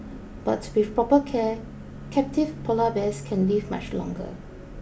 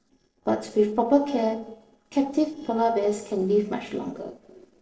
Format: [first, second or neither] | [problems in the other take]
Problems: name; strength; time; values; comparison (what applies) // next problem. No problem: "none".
first | noise reduction (neural separator model SepFormer DNS4)